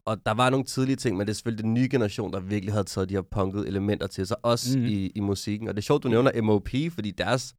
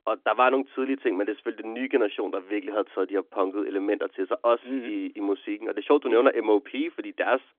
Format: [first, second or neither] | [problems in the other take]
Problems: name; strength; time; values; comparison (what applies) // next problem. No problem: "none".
first | phone-call audio; nothing above 3.5 kHz